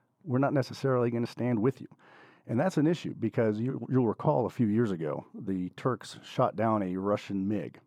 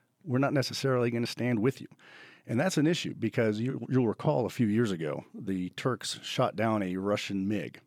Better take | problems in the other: second | muffled; slightly; fading above 1.5 kHz

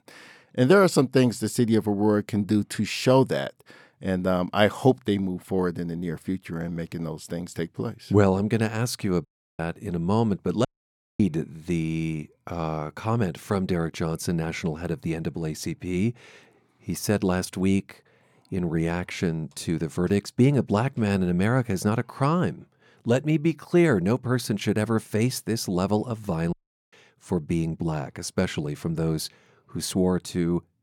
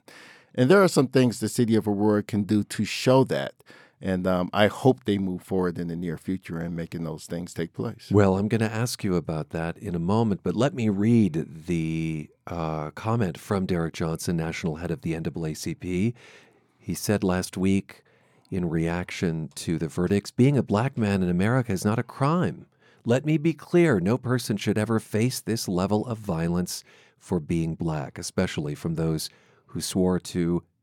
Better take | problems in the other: second | audio cutting out; at 9.5 s, at 11 s for 0.5 s and at 27 s

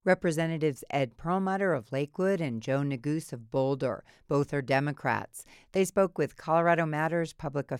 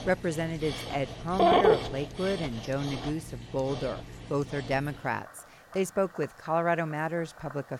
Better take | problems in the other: first | animal sounds; very loud; throughout; 1 dB above the speech

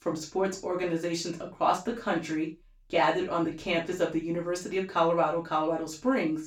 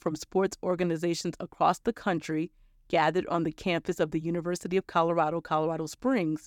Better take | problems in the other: second | room echo; slight; dies away in 0.2 s // off-mic speech; far

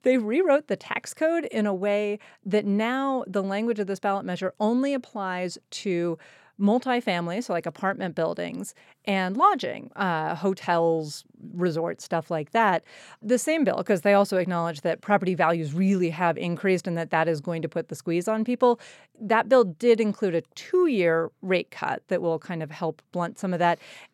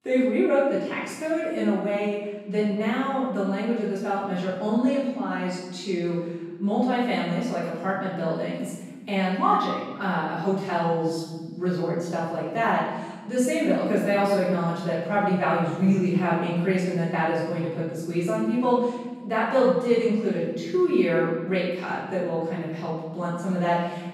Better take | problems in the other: first | off-mic speech; far // room echo; strong; dies away in 1.3 s

